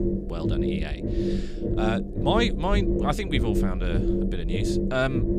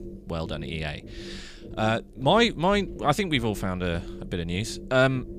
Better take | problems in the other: second | low rumble; loud; throughout; 3 dB below the speech; faint in the second

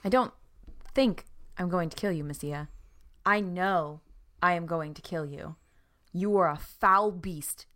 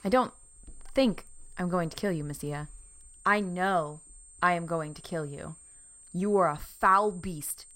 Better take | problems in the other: first | high-pitched whine; faint; throughout; 8.5 kHz, 20 dB below the speech

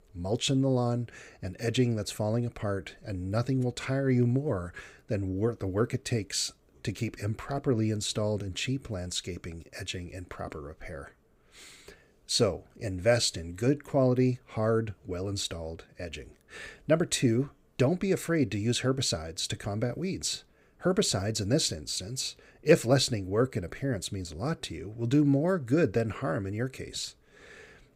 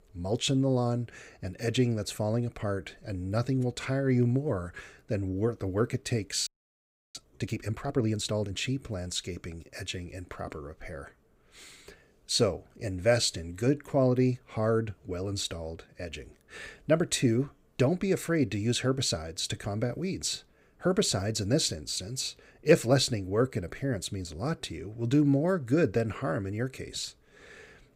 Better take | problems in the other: first | audio freezing; at 6.5 s for 0.5 s

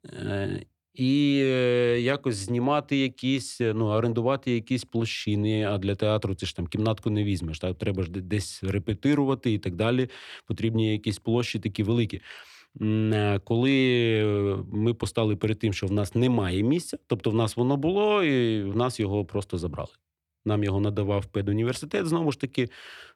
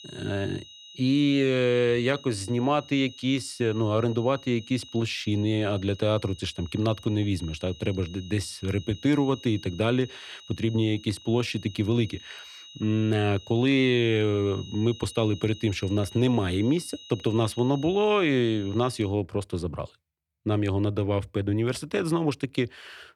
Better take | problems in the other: first | high-pitched whine; noticeable; until 19 s; 4 kHz, 20 dB below the speech

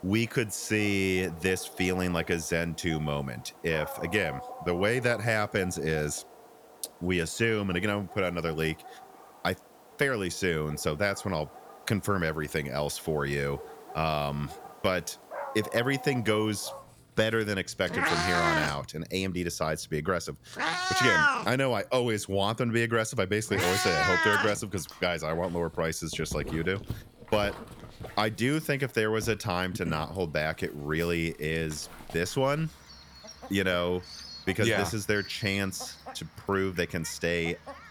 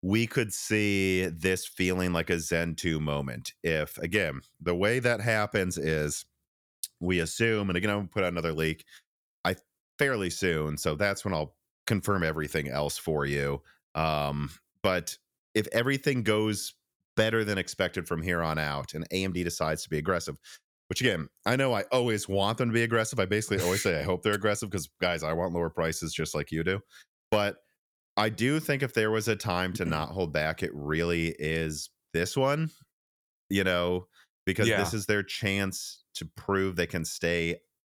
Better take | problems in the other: second | animal sounds; loud; throughout; 4 dB below the speech

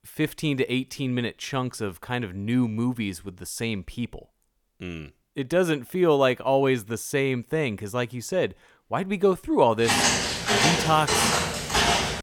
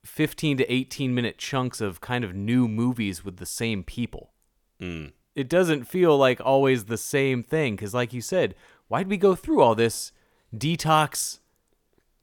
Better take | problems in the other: second | footsteps; loud; from 10 s on; peak 5 dB above the speech

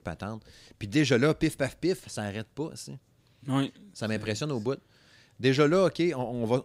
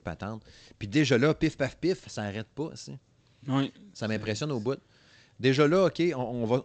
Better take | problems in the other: first | garbled, watery; slightly; nothing above 8 kHz

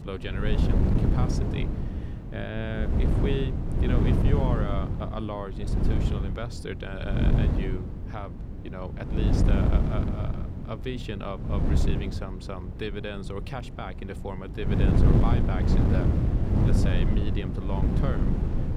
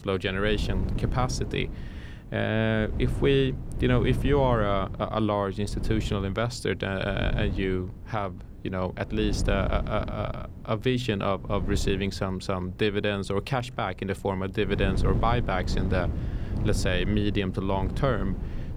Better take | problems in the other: second | wind noise on the microphone; heavy; 1 dB above the speech; occasional gusts in the second

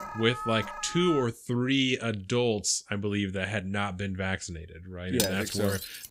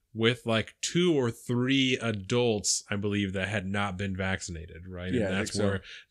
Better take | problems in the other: second | alarm; noticeable; until 1.5 s; peak 6 dB below the speech // clattering dishes; noticeable; at 5 s; peak 2 dB below the speech

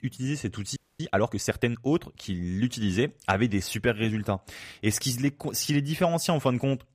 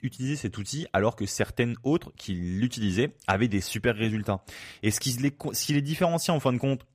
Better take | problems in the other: second | audio freezing; at 1 s

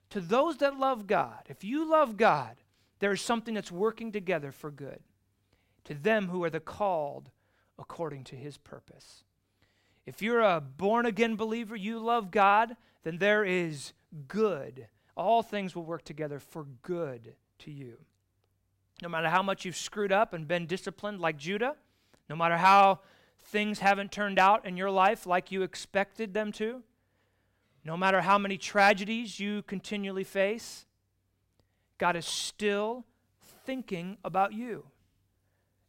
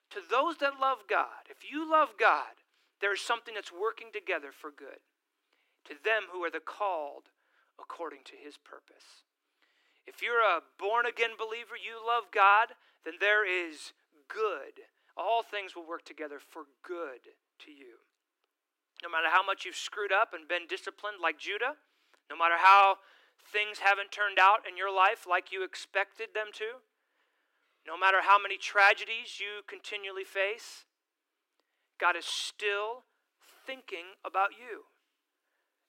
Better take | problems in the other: first | thin; very; fading below 300 Hz

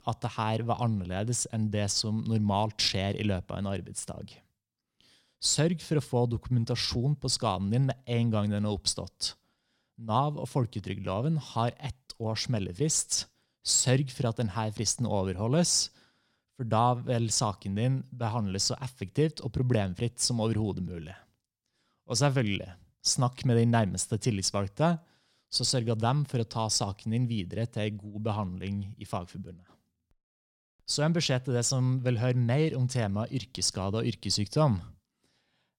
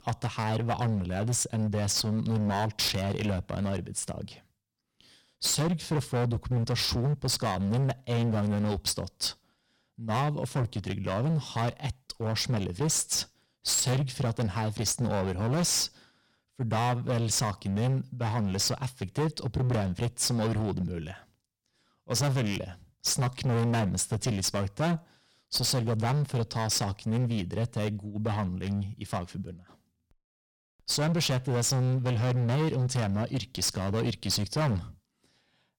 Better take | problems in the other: first | distortion; heavy; 17% of the sound clipped

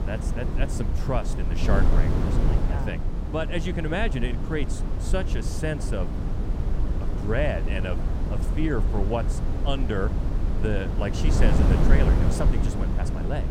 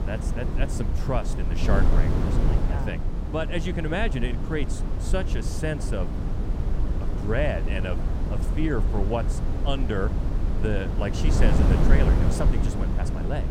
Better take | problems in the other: neither | wind noise on the microphone; heavy; 4 dB below the speech; the same in both

